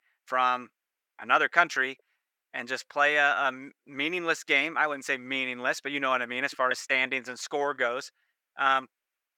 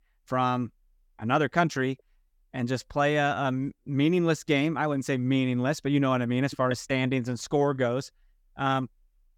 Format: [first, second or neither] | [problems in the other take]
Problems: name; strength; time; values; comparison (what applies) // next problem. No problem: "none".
second | thin; very; fading below 550 Hz